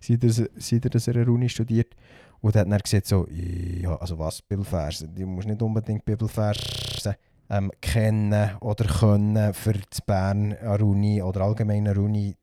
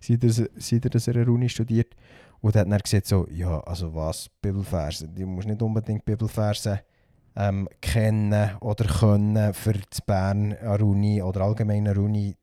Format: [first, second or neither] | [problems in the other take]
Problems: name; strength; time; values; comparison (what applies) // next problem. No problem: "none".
second | audio freezing; at 3.5 s and at 6.5 s